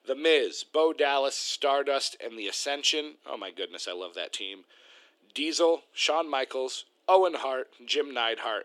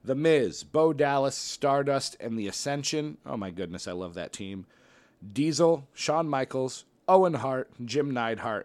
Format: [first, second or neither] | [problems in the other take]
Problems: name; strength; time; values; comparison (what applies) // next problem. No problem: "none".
second | thin; somewhat; fading below 350 Hz